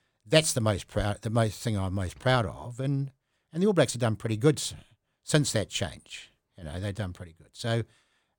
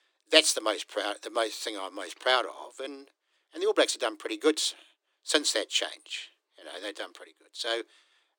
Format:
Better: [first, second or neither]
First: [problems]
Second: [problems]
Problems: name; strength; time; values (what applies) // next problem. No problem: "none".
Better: first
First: none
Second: thin; very; fading below 300 Hz